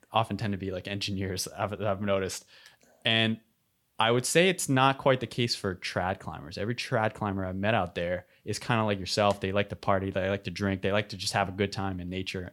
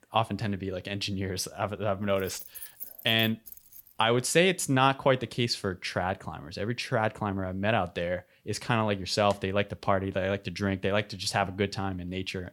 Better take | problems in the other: first | jangling keys; faint; from 2 to 4 s; peak 10 dB below the speech

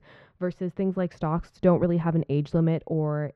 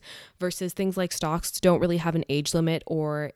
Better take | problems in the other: second | muffled; very; fading above 1.5 kHz

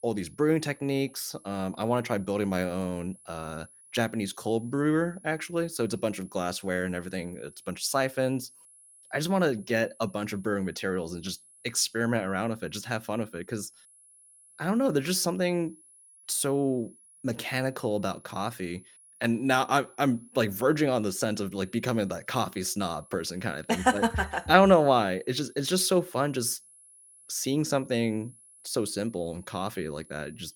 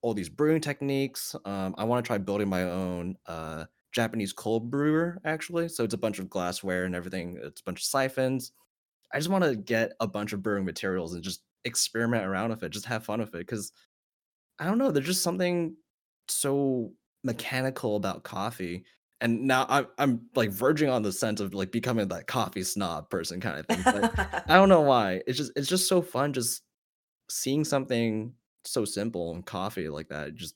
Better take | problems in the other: second | high-pitched whine; faint; throughout; 10.5 kHz, 25 dB below the speech

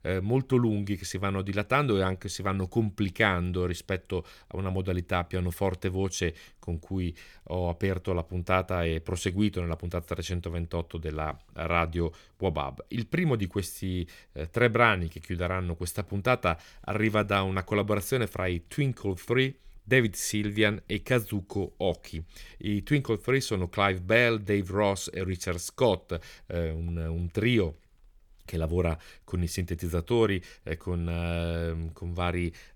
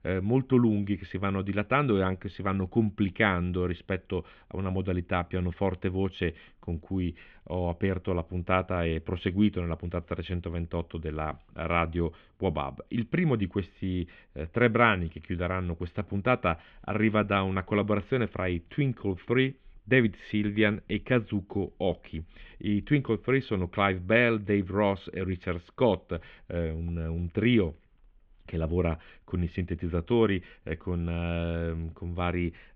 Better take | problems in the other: first | muffled; very; fading above 3 kHz

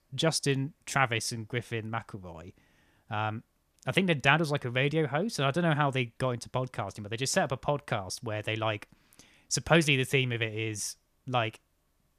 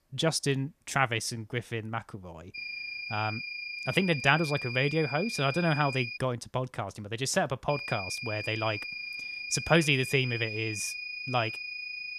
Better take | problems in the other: first | high-pitched whine; loud; from 2.5 to 6 s and from 7.5 s on; 2.5 kHz, 6 dB below the speech

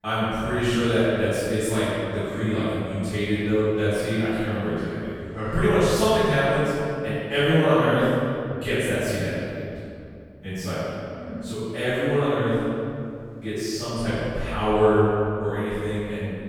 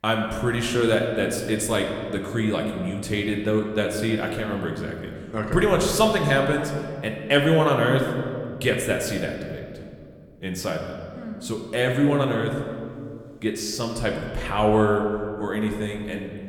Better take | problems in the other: second | room echo; strong; dies away in 2.4 s; slight in the second // off-mic speech; far

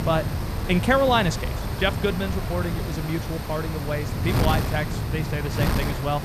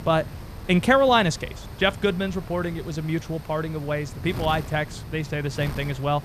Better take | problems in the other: second | wind noise on the microphone; heavy; 6 dB below the speech; occasional gusts in the second

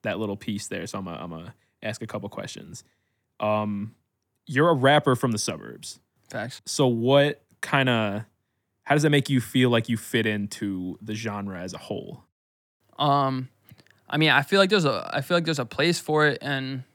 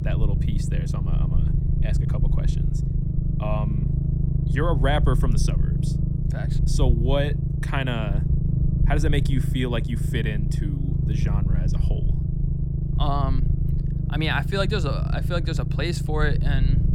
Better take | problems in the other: first | low rumble; loud; throughout; 6 dB below the speech

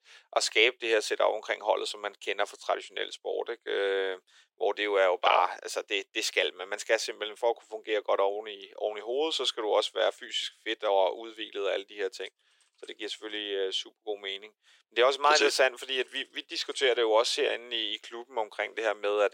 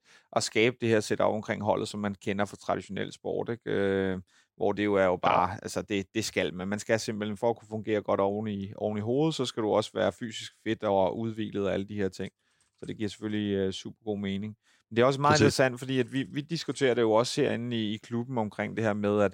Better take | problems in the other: second | thin; very; fading below 400 Hz

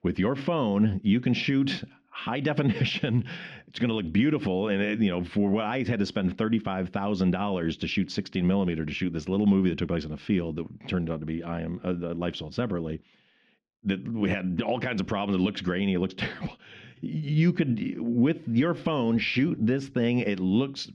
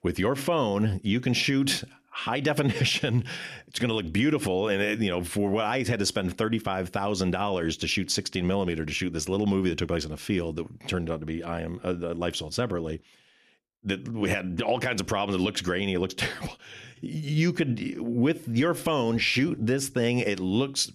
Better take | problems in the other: second | muffled; very slightly; fading above 4 kHz

